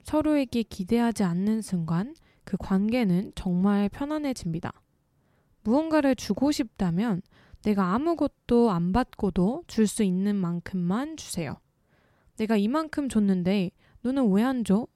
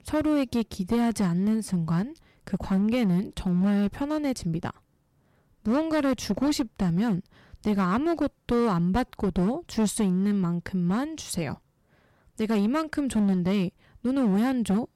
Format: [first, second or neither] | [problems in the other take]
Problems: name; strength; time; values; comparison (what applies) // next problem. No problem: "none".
first | distortion; slight; 9% of the sound clipped